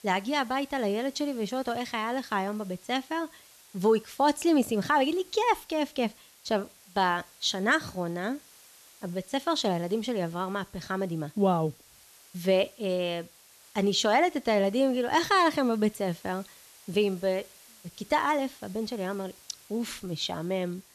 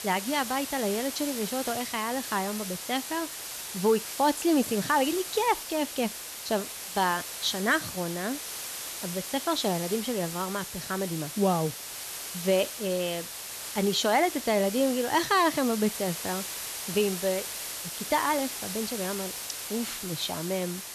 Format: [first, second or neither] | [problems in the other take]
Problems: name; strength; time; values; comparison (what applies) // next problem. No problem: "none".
first | hiss; loud; throughout; 6 dB below the speech; faint in the first